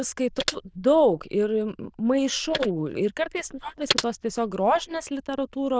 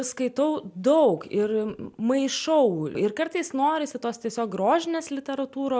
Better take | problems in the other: second | noise reduction (neural diffusion model UNIVERSE++)

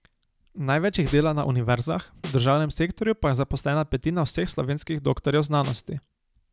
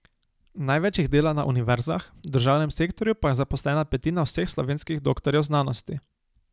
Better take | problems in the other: second | background sound (Snare drum); 15 dB below the speech

